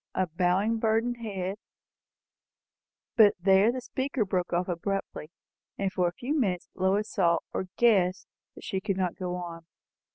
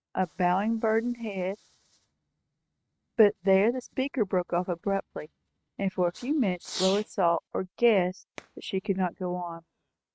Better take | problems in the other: first | noise reduction (neural mask model RNNoise)

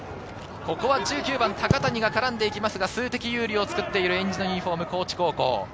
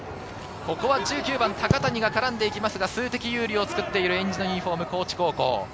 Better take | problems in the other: first | background sound (Printer); 19 dB below the speech

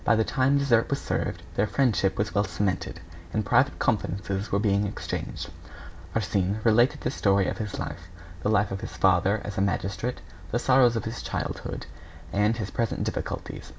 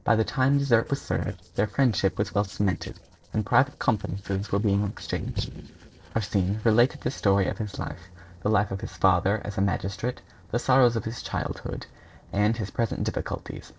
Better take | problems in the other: first | noise reduction (neural separator model SepFormer DNS4)

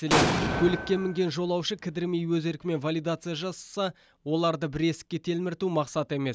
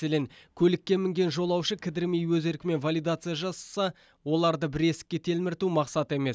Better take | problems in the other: second | background sound (Explosion); 1 dB above the speech

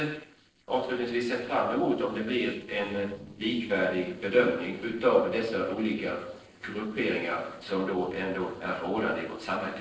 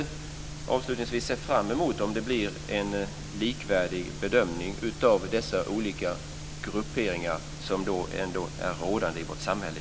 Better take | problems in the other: second | noise reduction (neural separator model SepFormer DNS4)

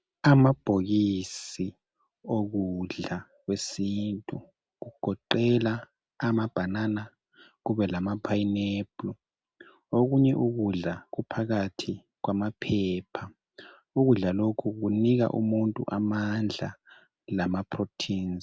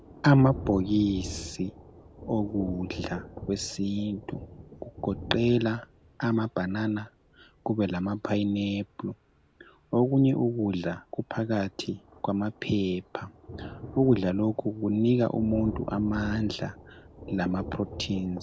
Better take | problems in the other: first | background sound (Thunder); 15 dB below the speech

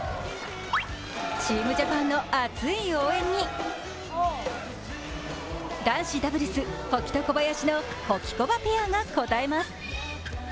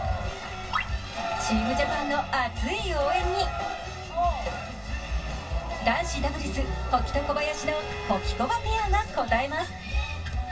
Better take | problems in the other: first | background sound (Bowed string instrument); 16 dB below the speech // room echo; dies away in 0.1 s

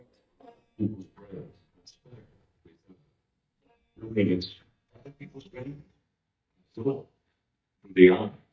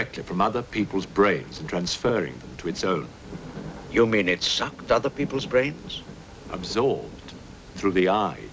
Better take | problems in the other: second | noise reduction (neural mask model DeepFilterNet 3)

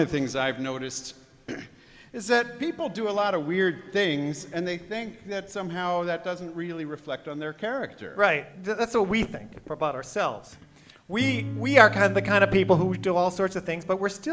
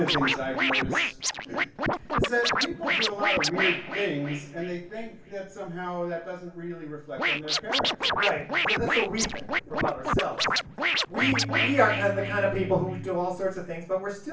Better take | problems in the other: first | background sound (Scratching (performance technique)); 1 dB above the speech // room echo; dies away in 0.3 s

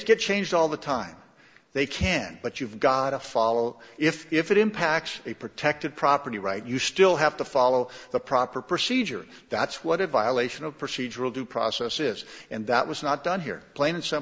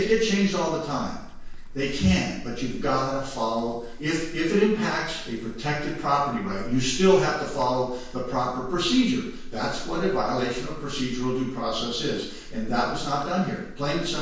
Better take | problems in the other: first | background sound (Livestock, farm animals, working animals); 10 dB below the speech // room echo; dies away in 0.6 s

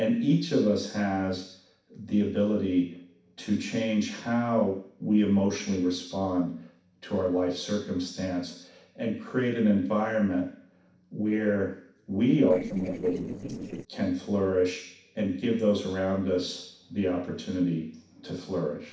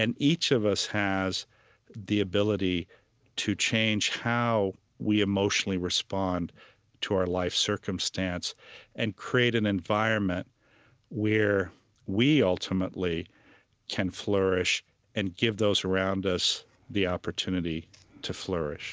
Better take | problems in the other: second | noise reduction (neural separator model SepFormer DNS4)

